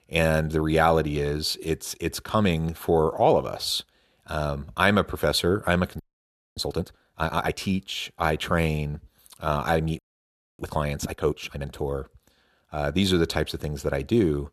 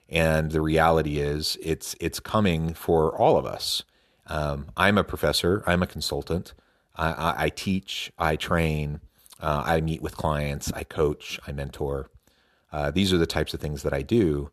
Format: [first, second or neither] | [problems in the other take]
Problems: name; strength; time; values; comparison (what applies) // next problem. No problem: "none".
second | audio freezing; at 6 s for 0.5 s and at 10 s for 0.5 s